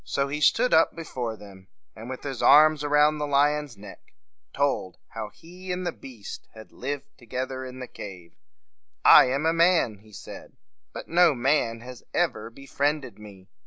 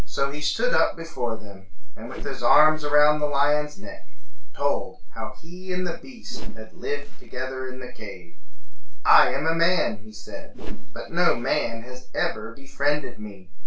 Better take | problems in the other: first | noise reduction (neural separator model SepFormer DNS4)

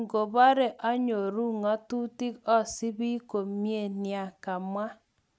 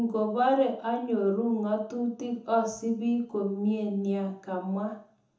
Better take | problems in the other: first | room echo; dies away in 0.6 s

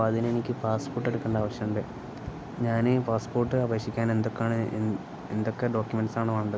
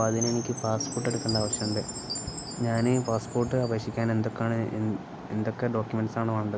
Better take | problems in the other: first | background sound (Chime); 11 dB below the speech

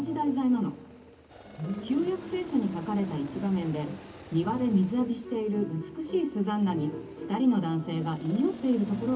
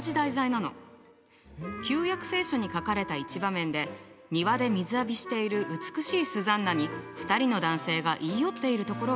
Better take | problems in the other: second | background sound (Aircraft); 20 dB below the speech // room echo; dies away in 0.3 s

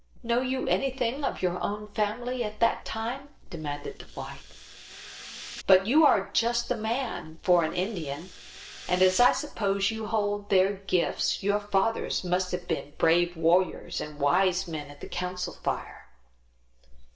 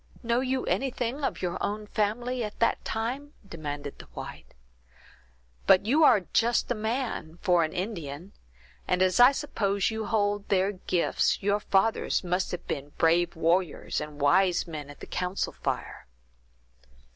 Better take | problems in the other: second | noise reduction (neural separator model SepFormer DNS4)

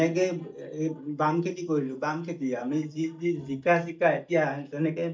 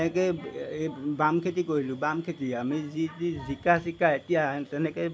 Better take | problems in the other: second | noise reduction (neural mask model DeepFilterNet 3)

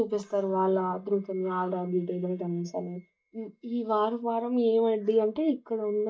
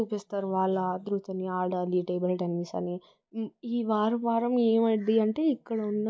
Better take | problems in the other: second | noise reduction (neural mask model DeepFilterNet 3)

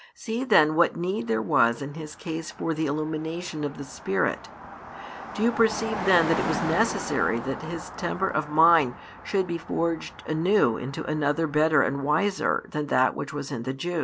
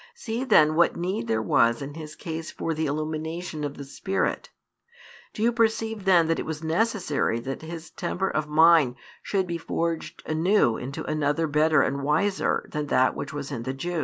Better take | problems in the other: second | background sound (Car passing by); 12 dB below the speech

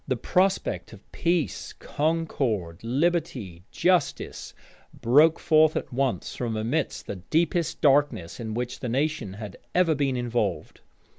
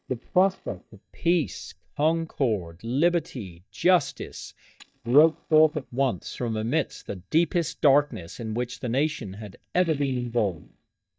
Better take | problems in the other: first | noise reduction (neural mask model DeepFilterNet 3)

